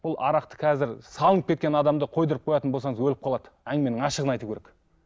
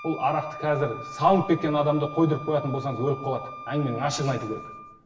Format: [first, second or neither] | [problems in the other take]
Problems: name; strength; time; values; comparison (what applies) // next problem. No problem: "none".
first | background sound (Wind instrument, woodwind instrument); 14 dB below the speech // room echo; dies away in 1 s